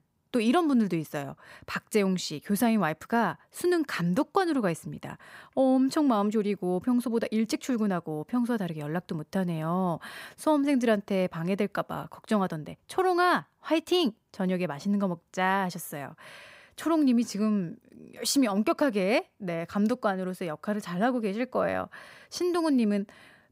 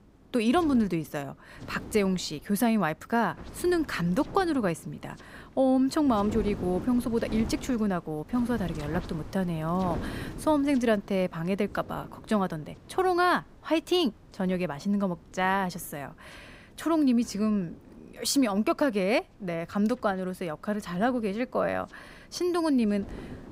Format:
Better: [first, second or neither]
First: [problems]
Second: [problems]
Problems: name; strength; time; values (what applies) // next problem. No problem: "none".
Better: first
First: none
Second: wind noise on the microphone; occasional gusts; 20 dB below the speech